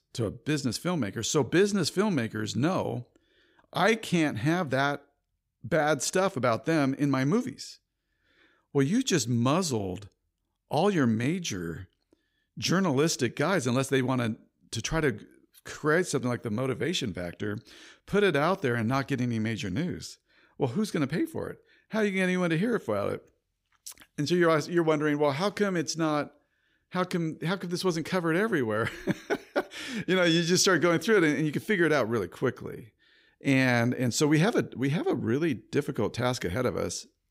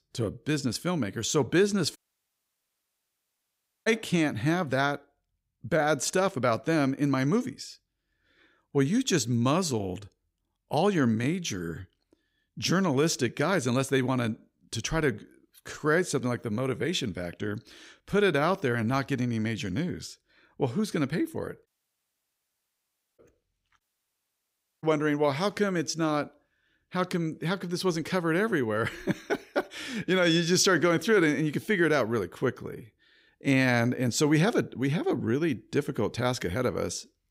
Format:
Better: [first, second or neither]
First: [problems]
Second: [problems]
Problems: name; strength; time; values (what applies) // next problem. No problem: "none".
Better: first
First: none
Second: audio cutting out; at 2 s for 2 s, at 22 s for 1.5 s and at 24 s for 1 s